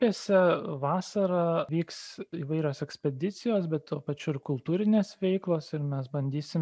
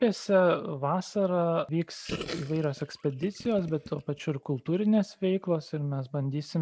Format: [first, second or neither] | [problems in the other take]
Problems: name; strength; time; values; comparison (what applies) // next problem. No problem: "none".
first | background sound (Gurgling); 14 dB below the speech